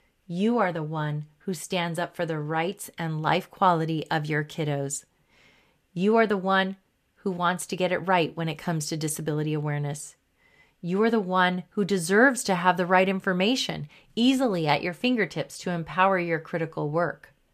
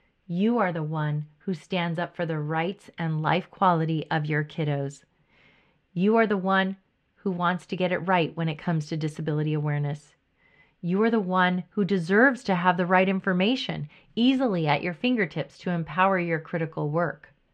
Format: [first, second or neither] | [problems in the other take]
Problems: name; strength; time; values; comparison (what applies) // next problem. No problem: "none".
first | muffled; slightly; fading above 3 kHz